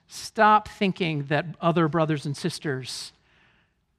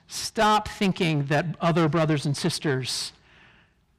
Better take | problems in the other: first | distortion; heavy; 7 dB below the speech

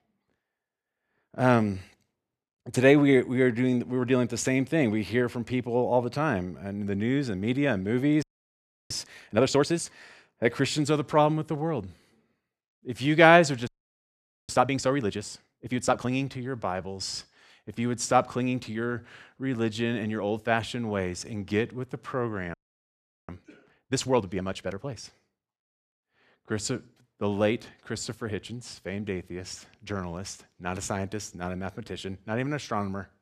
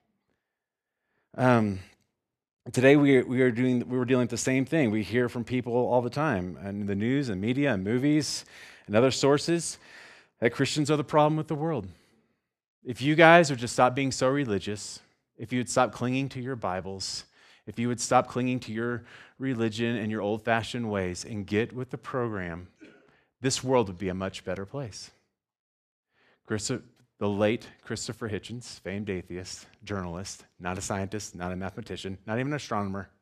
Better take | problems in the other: second | audio freezing; at 8 s for 0.5 s, at 14 s for 1 s and at 23 s for 0.5 s

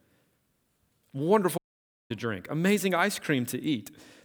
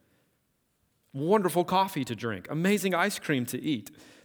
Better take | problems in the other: second | audio cutting out; at 1.5 s for 0.5 s

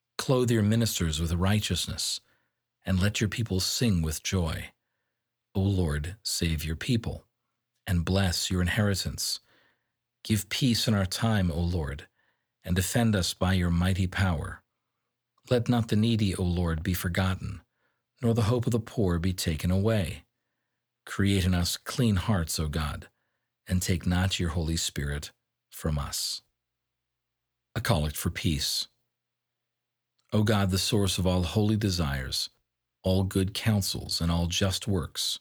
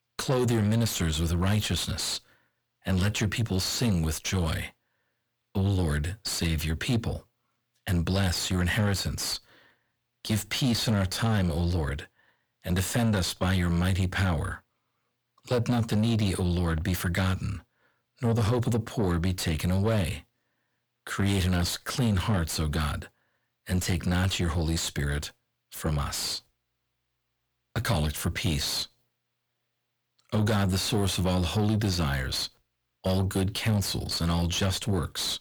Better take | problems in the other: first | distortion; slight; 10 dB below the speech

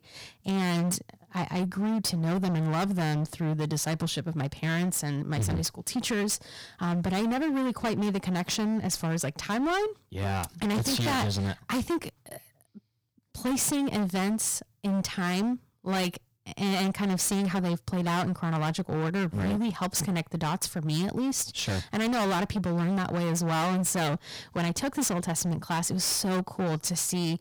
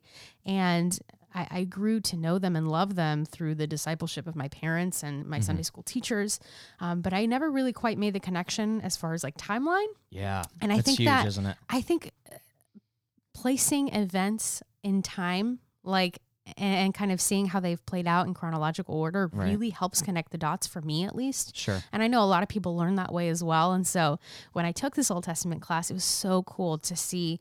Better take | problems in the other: second | distortion; heavy; 27% of the sound clipped

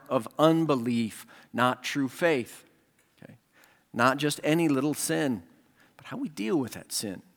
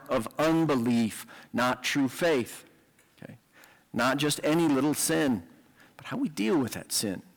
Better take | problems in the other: first | distortion; heavy; 11% of the sound clipped

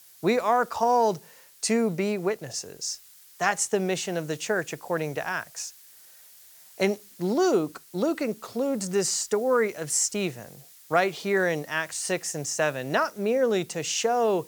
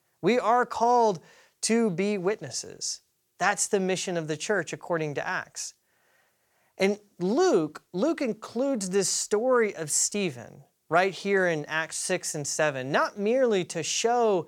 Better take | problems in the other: second | hiss; faint; throughout; 25 dB below the speech

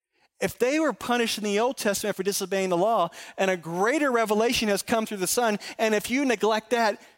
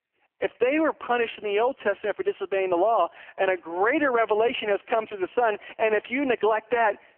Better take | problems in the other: first | phone-call audio; poor line; nothing above 3 kHz

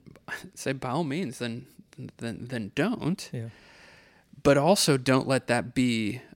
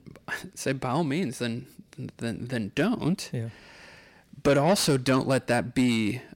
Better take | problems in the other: first | distortion; slight; 10 dB below the speech

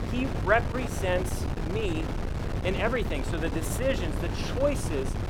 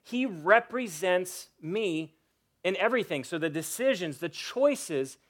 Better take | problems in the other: second | wind noise on the microphone; heavy; 7 dB below the speech

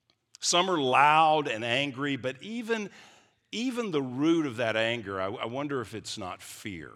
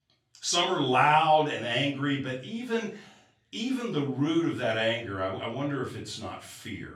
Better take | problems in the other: first | off-mic speech; far // room echo; slight; dies away in 0.3 s

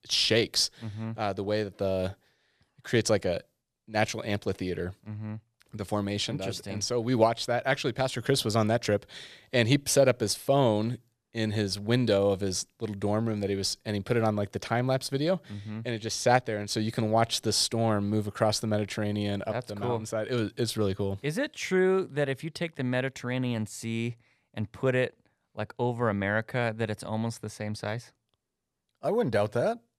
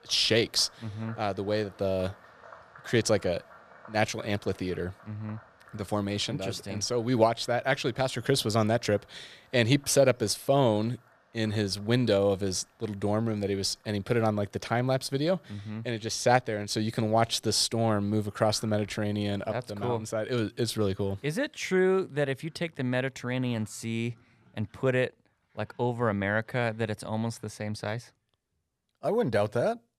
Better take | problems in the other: first | animal sounds; faint; throughout; 30 dB below the speech

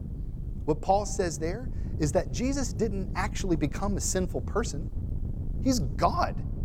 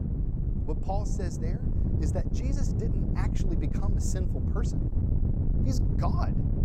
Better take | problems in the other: first | wind noise on the microphone; heavy; 1 dB below the speech; occasional gusts in the first

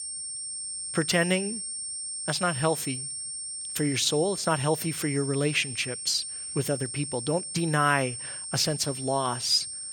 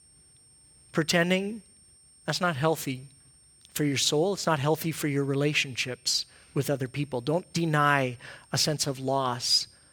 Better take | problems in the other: second | high-pitched whine; loud; throughout; 8.5 kHz, 6 dB below the speech; faint in the second

